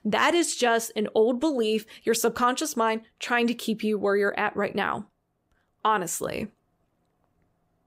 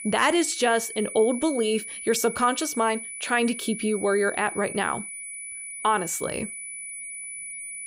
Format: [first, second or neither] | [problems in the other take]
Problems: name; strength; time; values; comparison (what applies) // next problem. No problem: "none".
first | high-pitched whine; loud; throughout; 10 kHz, 9 dB below the speech